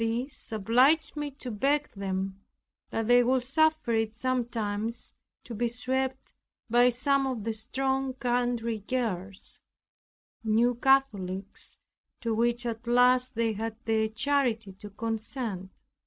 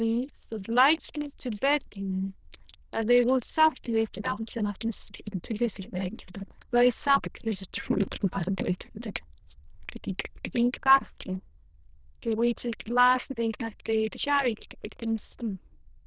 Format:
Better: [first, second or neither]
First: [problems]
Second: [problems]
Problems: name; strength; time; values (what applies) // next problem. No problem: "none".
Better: first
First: none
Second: noise reduction (neural diffusion model UNIVERSE++)